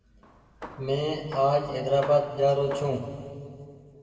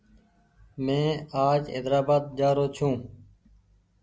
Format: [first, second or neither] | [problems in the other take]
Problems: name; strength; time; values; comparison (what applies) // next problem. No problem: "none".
second | background sound (Hammer); 17 dB below the speech // room echo; dies away in 2.3 s